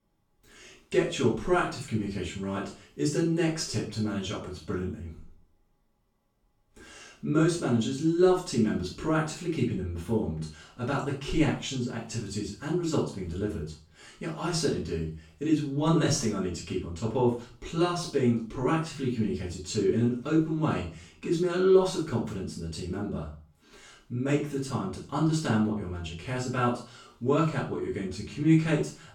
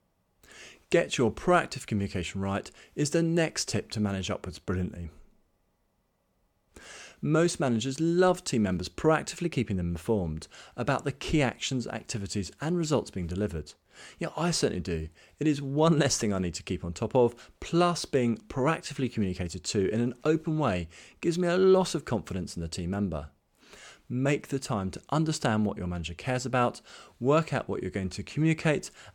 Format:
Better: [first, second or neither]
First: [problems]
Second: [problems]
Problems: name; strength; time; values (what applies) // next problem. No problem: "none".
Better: second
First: off-mic speech; far // room echo; noticeable; dies away in 0.4 s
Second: none